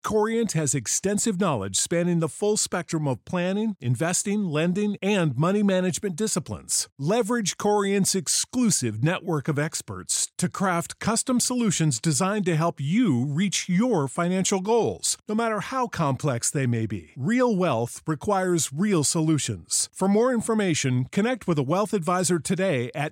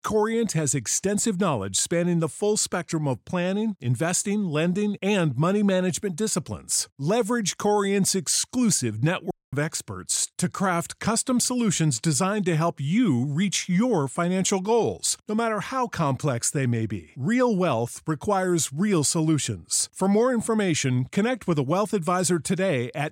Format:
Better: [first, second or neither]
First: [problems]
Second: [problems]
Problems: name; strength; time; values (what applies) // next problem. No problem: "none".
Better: first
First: none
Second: audio cutting out; at 9.5 s